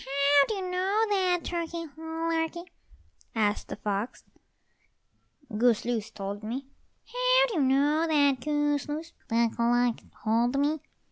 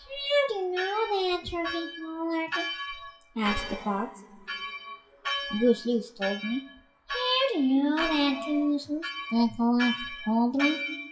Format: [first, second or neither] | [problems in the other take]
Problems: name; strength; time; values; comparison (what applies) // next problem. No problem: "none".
first | noise reduction (classical method WPE with log-MMSE)